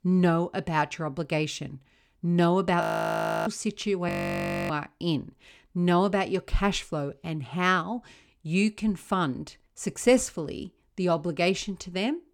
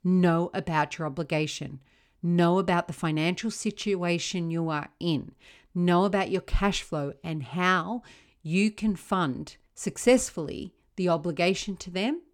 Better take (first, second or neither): second